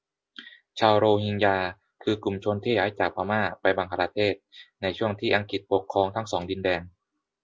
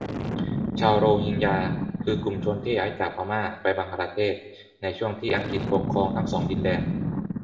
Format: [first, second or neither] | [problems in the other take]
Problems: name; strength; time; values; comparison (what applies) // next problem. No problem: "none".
first | background sound (Boom); 3 dB below the speech // room echo; dies away in 0.8 s